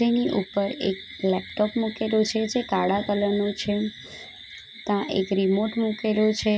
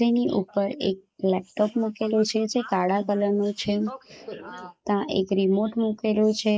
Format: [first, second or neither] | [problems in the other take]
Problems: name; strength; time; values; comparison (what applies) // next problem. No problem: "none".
first | noise reduction (neural mask model Resemble Enhance denoiser)